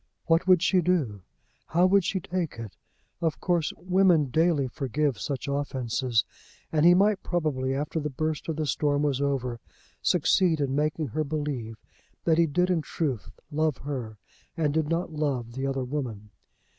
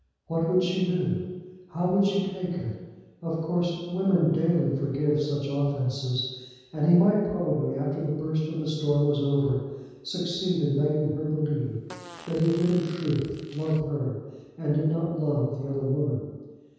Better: first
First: none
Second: background sound (Fart); 20 dB below the speech // room echo; dies away in 1.2 s

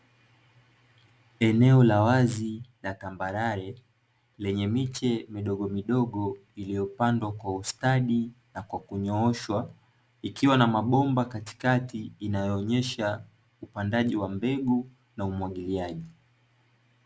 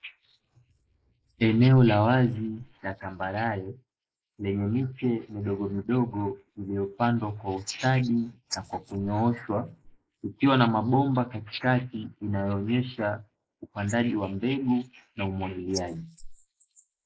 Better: first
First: none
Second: noise reduction (neural mask model Resemble Enhance denoiser)

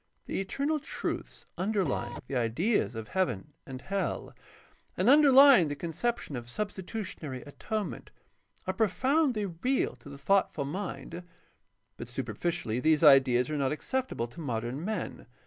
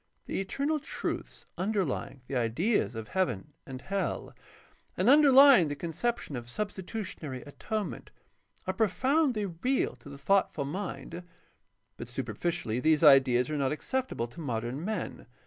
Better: second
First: background sound (Printer); 7 dB below the speech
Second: none

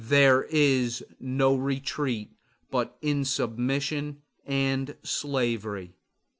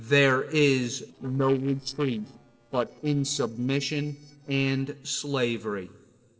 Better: first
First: none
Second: noise reduction (neural separator model SepFormer DNS4)

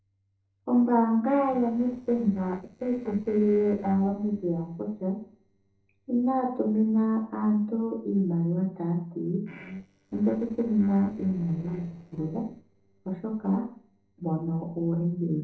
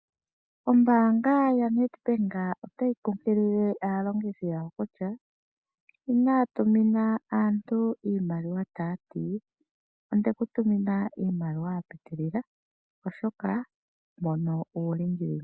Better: second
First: noise reduction (neural separator model SepFormer DNS4)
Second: none

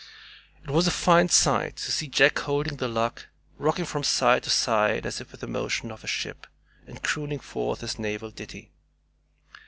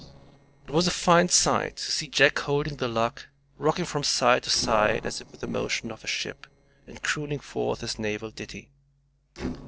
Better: first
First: none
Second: noise reduction (neural separator model SepFormer DNS4)

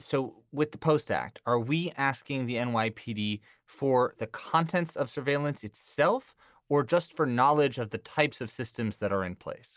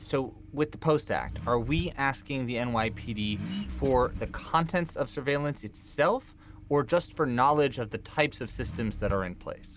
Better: first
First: none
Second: background sound (Accelerating, revving, vroom); 11 dB below the speech

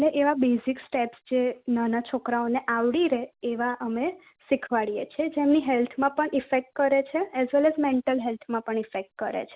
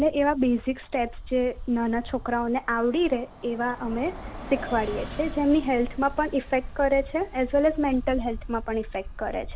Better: first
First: none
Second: background sound (Bus); 12 dB below the speech

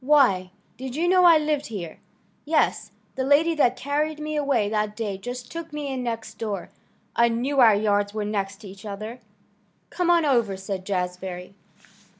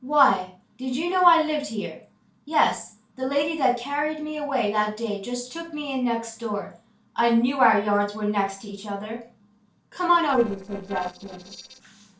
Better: first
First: none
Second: noise reduction (neural separator model SepFormer DNS4)

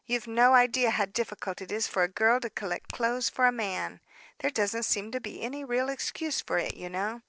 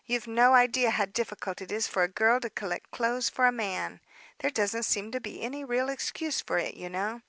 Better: second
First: noise reduction (neural separator model SepFormer DNS4)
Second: none

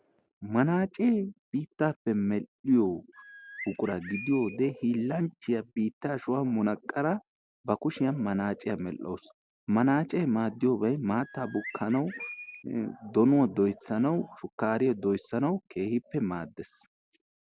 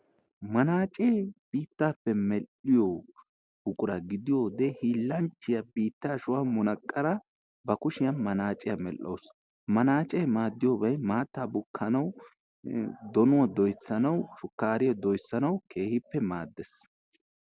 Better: second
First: background sound (Bird); 14 dB below the speech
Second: none

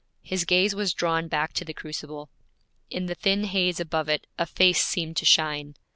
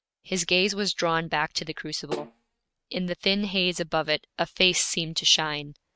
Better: first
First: none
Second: noise reduction (neural mask model RNNoise)

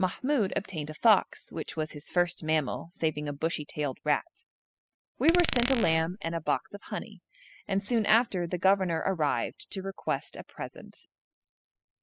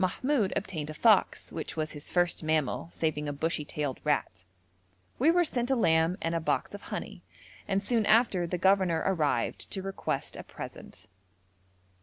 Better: second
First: noise reduction (classical method spectral subtraction)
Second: none

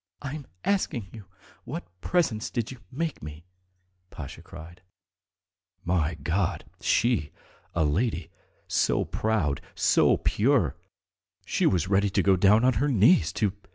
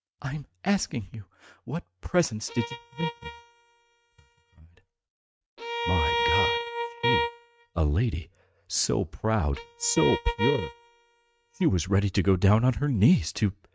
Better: first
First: none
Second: noise reduction (neural mask model RNNoise)

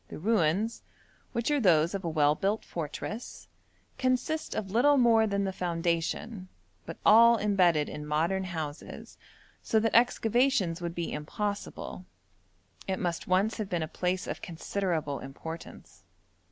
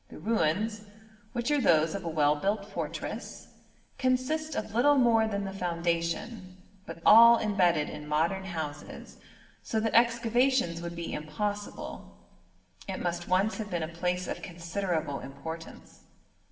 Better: first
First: none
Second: room echo; dies away in 1.1 s

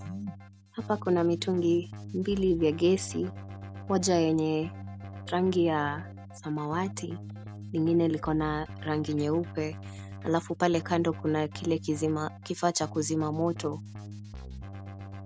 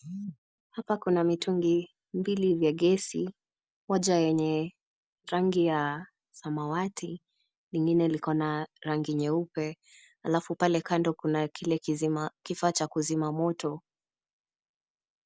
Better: second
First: background sound (Keyboard (musical)); 12 dB below the speech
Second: none

